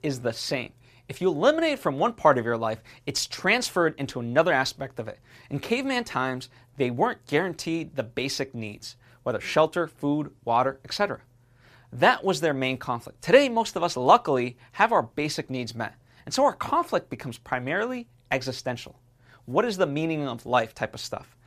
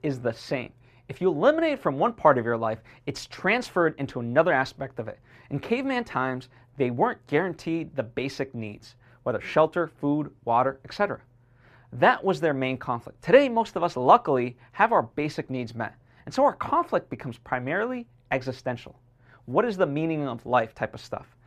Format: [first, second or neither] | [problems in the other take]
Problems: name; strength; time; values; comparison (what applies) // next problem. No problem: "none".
first | muffled; slightly; fading above 3 kHz